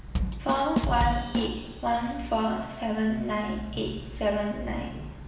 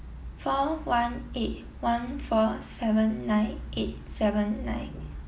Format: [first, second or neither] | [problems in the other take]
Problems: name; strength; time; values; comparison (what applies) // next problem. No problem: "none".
second | background sound (Bass drum / Drum kit); 4 dB below the speech // room echo; dies away in 0.9 s